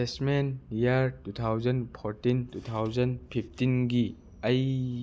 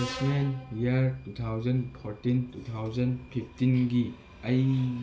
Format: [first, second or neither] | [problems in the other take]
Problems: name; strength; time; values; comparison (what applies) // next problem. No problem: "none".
first | background sound (Subway, metro, underground); 18 dB below the speech // room echo; dies away in 0.4 s